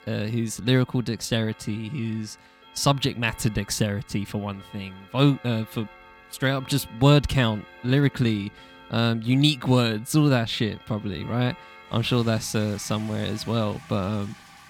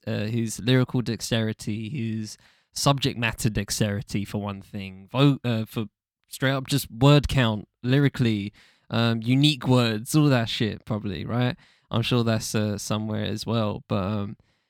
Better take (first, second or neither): second